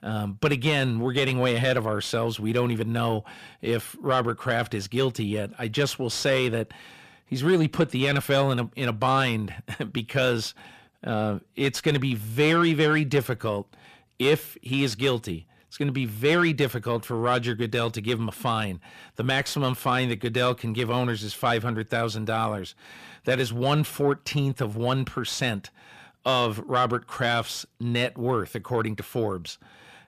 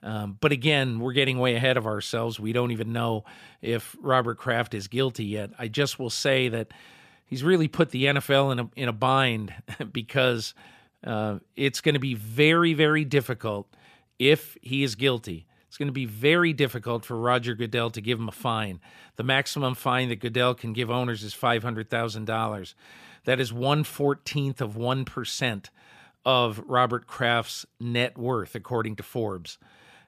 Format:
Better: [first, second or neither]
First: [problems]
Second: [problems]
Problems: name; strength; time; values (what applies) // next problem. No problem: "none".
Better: second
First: distortion; slight; 10 dB below the speech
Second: none